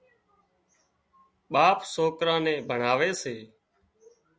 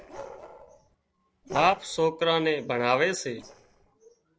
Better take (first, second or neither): first